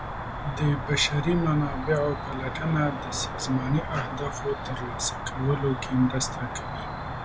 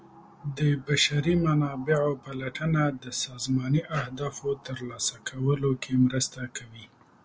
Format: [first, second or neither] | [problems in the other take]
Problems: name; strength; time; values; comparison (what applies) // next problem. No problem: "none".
second | background sound (Cricket); 6 dB below the speech